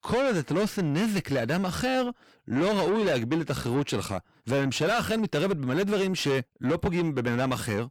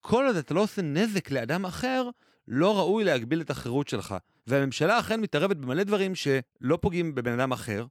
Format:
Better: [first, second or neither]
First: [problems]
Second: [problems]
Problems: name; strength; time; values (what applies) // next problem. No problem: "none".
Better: second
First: distortion; heavy; 7 dB below the speech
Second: none